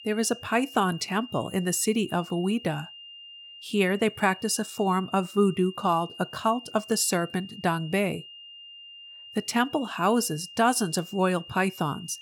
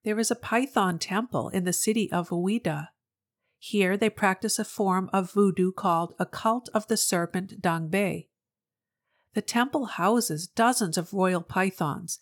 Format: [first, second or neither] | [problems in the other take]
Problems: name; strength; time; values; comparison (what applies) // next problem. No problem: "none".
second | high-pitched whine; noticeable; throughout; 3 kHz, 15 dB below the speech